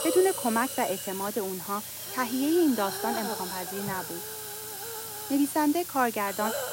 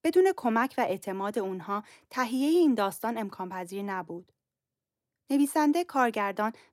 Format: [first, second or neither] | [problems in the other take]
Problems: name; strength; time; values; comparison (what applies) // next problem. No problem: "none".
second | hiss; loud; throughout; 5 dB below the speech